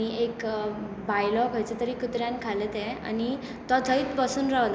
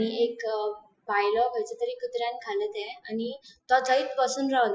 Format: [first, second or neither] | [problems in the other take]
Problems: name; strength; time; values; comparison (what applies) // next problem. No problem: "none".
first | noise reduction (classical method Wiener filter)